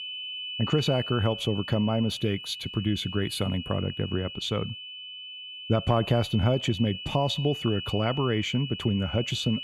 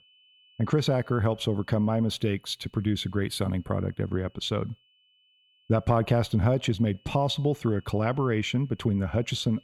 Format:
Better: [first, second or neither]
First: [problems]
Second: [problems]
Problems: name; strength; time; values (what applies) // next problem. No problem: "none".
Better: second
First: high-pitched whine; loud; throughout; 3 kHz, 8 dB below the speech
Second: high-pitched whine; faint; throughout; 3 kHz, 35 dB below the speech